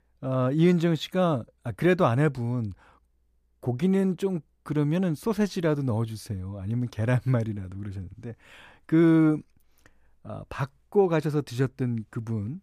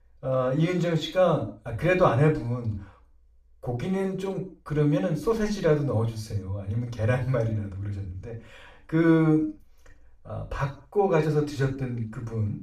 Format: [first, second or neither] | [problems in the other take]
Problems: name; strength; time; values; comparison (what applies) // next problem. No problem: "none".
first | room echo; slight; dies away in 0.4 s // off-mic speech; far